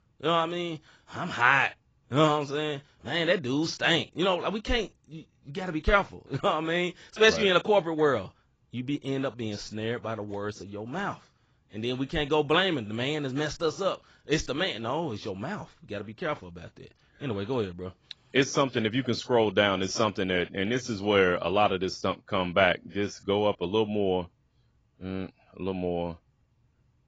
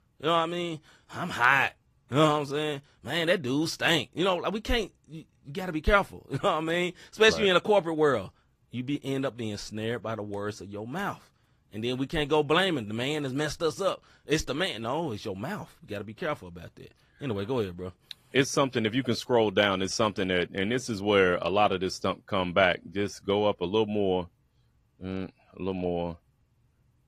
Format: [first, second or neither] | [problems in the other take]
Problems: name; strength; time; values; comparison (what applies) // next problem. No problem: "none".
second | garbled, watery; badly; slightly in the second